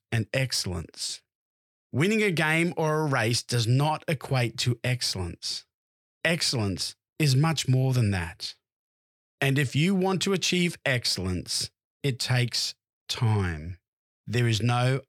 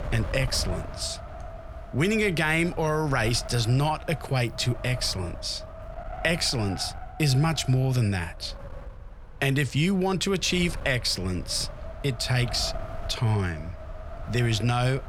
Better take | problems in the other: first | wind noise on the microphone; occasional gusts; 15 dB below the speech

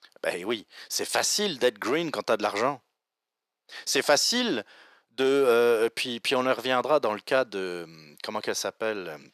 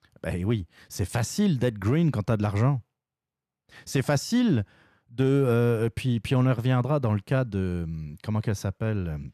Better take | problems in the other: second | thin; very; fading below 400 Hz

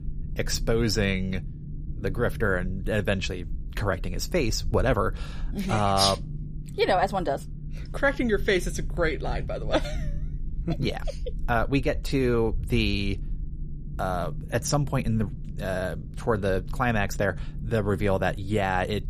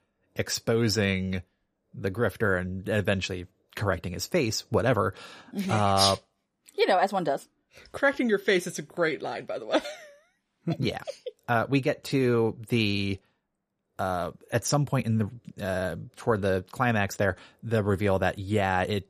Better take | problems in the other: second | low rumble; faint; throughout; 20 dB below the speech

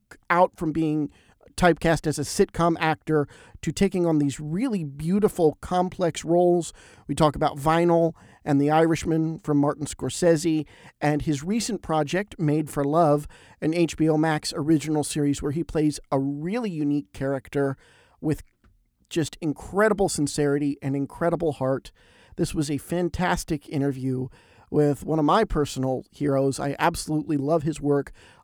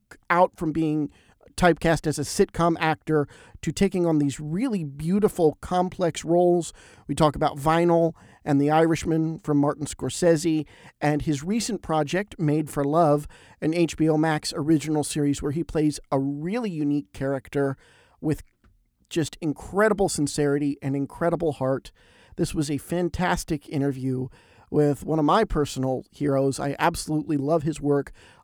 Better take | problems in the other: neither | none

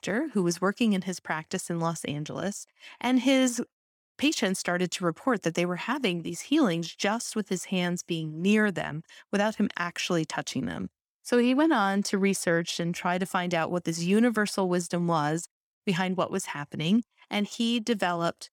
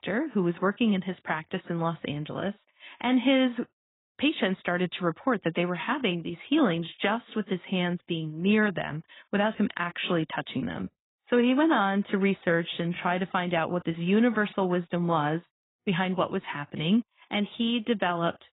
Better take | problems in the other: first | garbled, watery; badly; nothing above 3.5 kHz

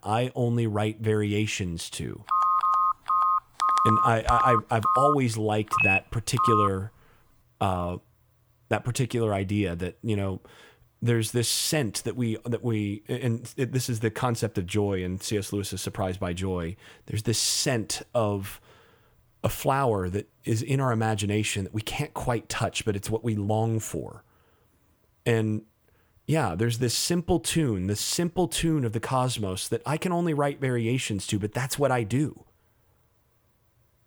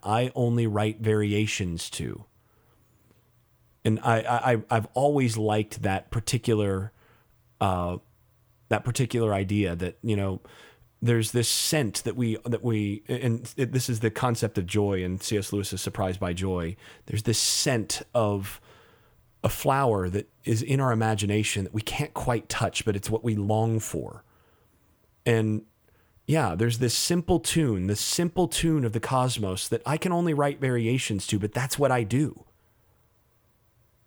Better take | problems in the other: second | phone ringing; loud; from 2.5 to 6.5 s; peak 6 dB above the speech

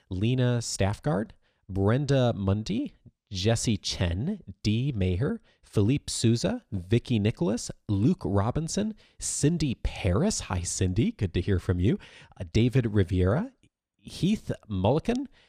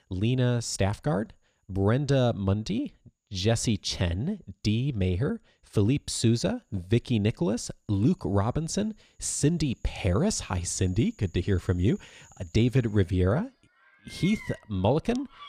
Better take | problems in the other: first | animal sounds; faint; throughout; 20 dB below the speech

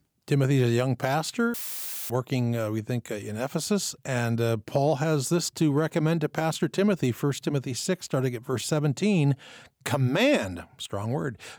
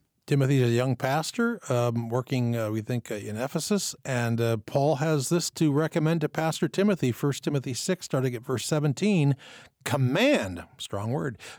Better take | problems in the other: second | audio cutting out; filled with static; at 1.5 s for 0.5 s

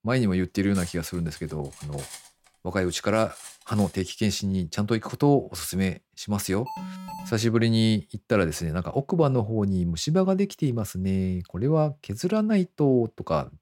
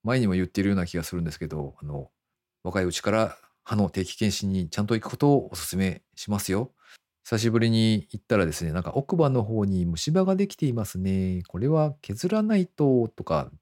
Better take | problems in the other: second | clattering dishes; faint; from 0.5 to 4 s; peak 15 dB below the speech // alarm; faint; at 6.5 s; peak 10 dB below the speech

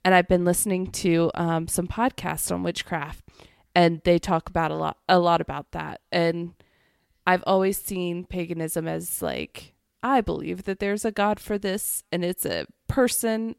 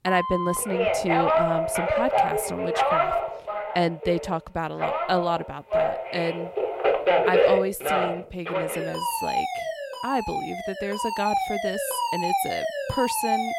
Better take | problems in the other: first | alarms or sirens; very loud; throughout; 3 dB above the speech

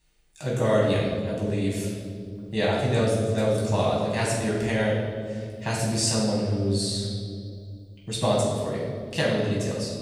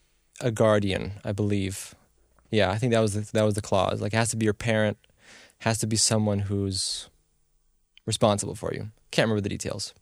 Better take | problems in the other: second | room echo; noticeable; dies away in 2.1 s // off-mic speech; far

